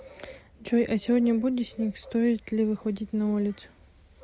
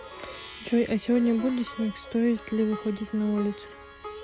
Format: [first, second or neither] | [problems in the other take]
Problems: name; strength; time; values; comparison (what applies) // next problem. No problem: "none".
first | background sound (Plucked string instrument); 16 dB below the speech